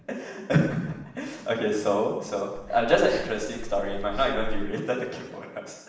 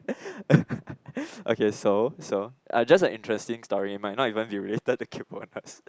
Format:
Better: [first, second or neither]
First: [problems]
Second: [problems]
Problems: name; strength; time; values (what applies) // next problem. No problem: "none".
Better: second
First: background sound (Breathing); 5 dB below the speech // room echo; dies away in 1 s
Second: none